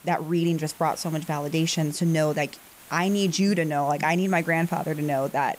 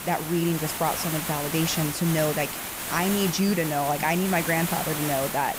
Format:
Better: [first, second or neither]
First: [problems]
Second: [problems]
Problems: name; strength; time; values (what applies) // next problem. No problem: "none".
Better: first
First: hiss; faint; throughout; 20 dB below the speech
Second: hiss; loud; throughout; 4 dB below the speech